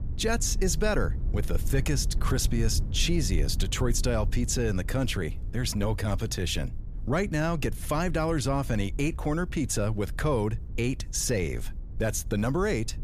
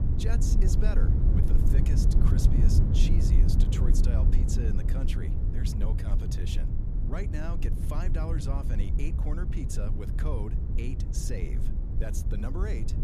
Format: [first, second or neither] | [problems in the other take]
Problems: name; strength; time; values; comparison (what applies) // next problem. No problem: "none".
first | low rumble; loud; throughout; as loud as the speech; faint in the first